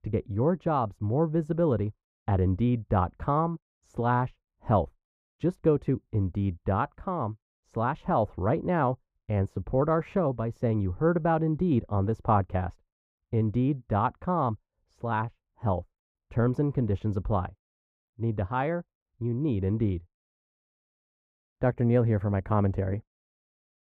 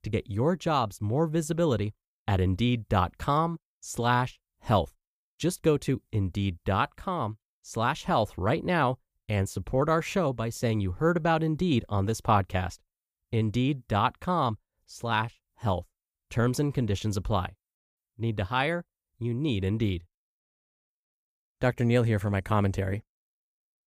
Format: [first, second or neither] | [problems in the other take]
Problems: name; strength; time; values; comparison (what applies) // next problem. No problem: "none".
second | muffled; very; fading above 2.5 kHz